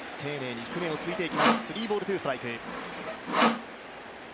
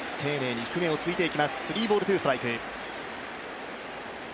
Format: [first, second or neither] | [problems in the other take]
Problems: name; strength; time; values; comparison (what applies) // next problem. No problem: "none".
second | background sound (Sawing); 3 dB above the speech